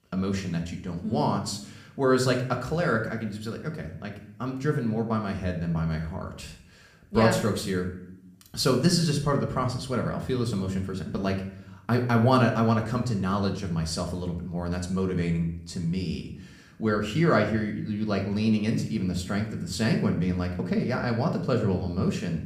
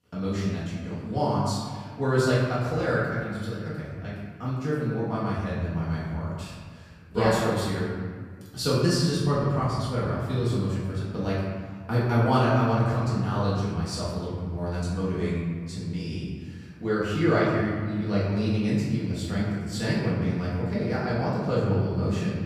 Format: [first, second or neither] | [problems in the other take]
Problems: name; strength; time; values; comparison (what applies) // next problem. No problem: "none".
first | room echo; strong; dies away in 1.7 s; slight in the first // off-mic speech; far; somewhat distant in the first